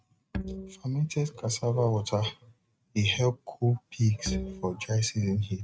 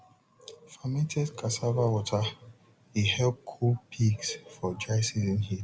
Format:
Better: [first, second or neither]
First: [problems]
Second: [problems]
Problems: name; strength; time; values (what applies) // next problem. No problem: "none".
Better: second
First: noise reduction (neural mask model RNNoise)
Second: none